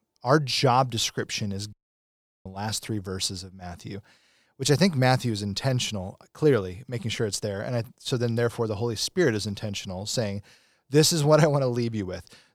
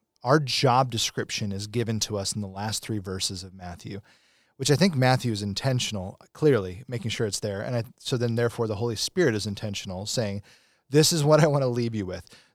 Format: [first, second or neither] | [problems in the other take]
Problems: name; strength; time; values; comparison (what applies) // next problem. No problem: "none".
second | audio cutting out; at 1.5 s for 0.5 s